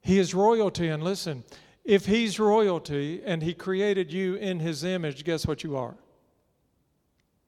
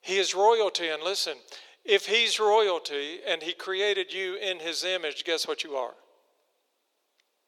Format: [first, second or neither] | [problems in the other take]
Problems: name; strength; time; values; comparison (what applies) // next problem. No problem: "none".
first | thin; very; fading below 450 Hz